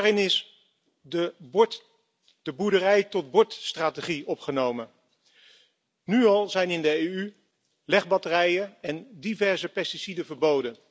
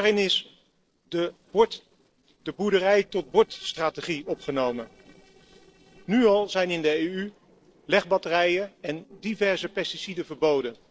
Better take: first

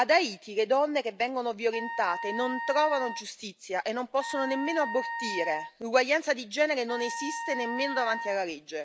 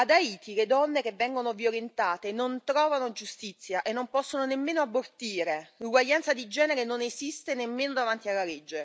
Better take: second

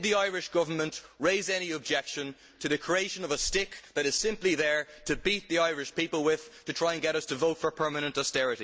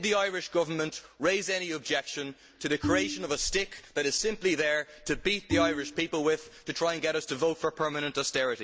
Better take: first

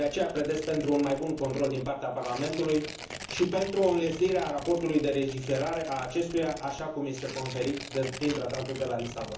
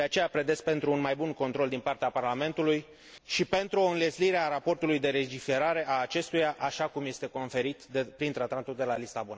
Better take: second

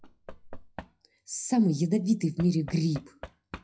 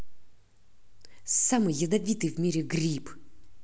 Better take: second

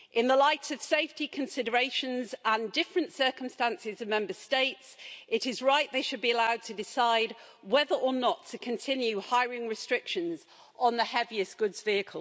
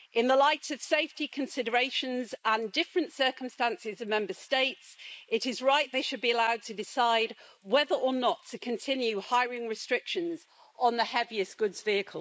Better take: first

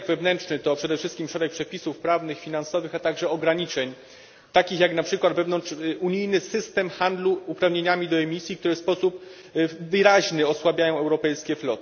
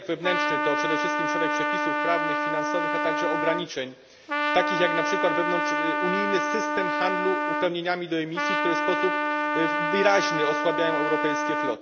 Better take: first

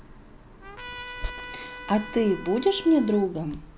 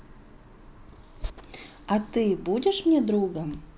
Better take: second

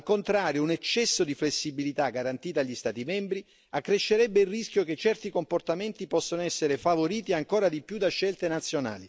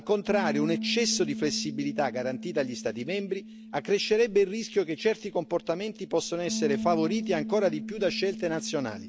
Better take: first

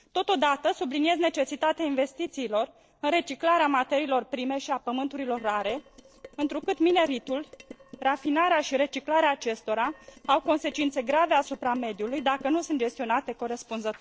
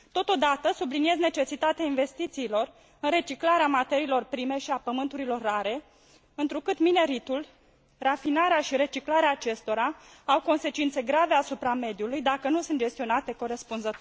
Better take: second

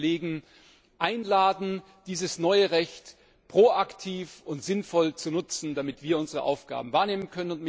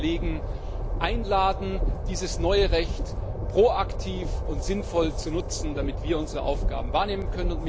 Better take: first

